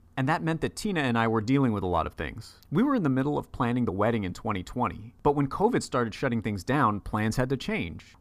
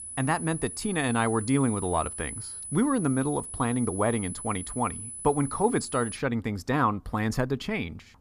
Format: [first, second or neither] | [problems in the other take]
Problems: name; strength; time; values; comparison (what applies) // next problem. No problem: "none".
first | high-pitched whine; loud; until 6 s; 10 kHz, 8 dB below the speech